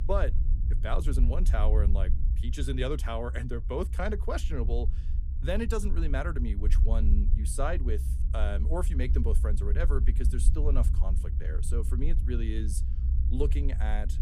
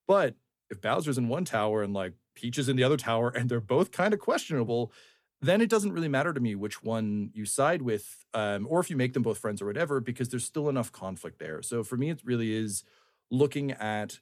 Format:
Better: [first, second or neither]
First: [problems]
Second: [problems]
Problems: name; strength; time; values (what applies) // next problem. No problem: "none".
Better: second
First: low rumble; noticeable; throughout; 10 dB below the speech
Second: none